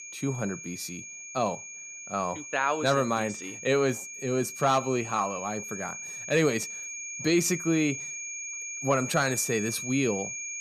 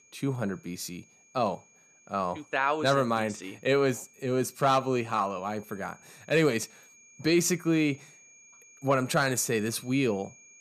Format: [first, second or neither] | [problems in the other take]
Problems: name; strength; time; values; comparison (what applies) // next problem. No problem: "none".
second | high-pitched whine; loud; throughout; 2.5 kHz, 8 dB below the speech; faint in the second